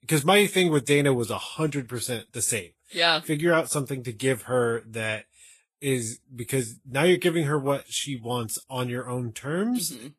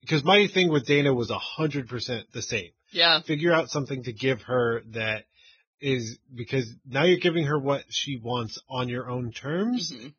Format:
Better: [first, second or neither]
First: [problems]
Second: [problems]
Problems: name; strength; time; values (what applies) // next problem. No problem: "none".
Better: first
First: garbled, watery; slightly; nothing above 12.5 kHz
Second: garbled, watery; badly; nothing above 6.5 kHz